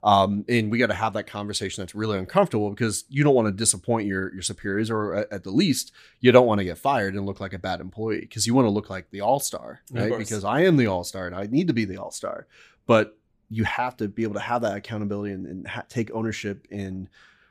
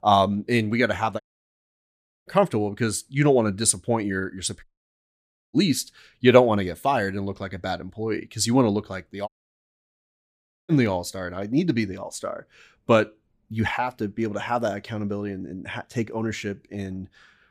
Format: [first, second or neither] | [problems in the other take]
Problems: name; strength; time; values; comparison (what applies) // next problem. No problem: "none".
first | audio cutting out; at 1 s for 1 s, at 4.5 s for 1 s and at 9.5 s for 1.5 s